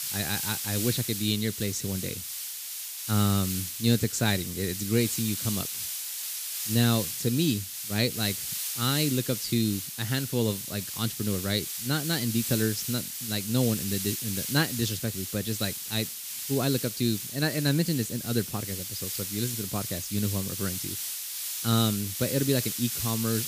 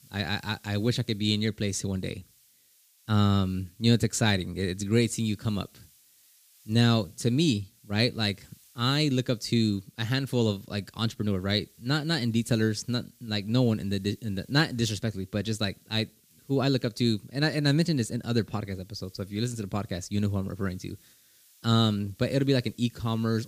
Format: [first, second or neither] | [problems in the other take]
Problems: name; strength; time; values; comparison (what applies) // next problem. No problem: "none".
second | hiss; loud; throughout; 3 dB below the speech; faint in the second